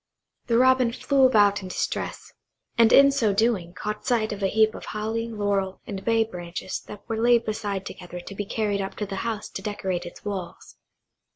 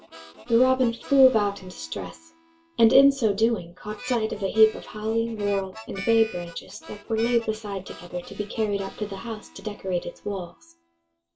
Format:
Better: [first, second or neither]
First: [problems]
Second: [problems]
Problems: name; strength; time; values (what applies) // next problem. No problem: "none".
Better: first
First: none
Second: background sound (Harmonica); 19 dB below the speech // room echo; dies away in 0.2 s